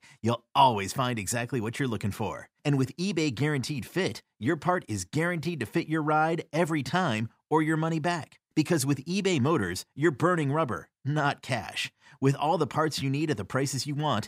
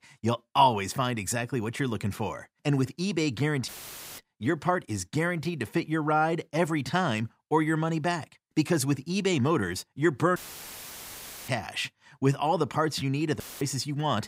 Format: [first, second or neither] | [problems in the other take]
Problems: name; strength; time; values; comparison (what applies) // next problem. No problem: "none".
first | audio cutting out; filled with static; at 3.5 s for 0.5 s, at 10 s for 1 s and at 13 s